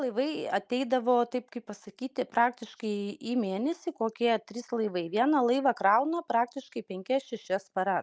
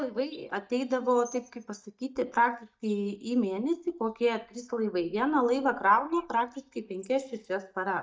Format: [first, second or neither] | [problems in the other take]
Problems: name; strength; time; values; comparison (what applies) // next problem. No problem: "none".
first | noise reduction (neural mask model DeepFilterNet 3)